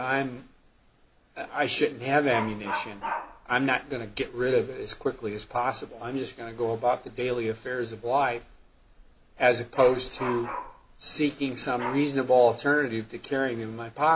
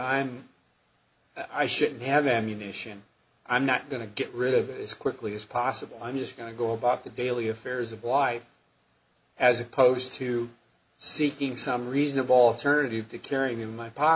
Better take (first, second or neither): second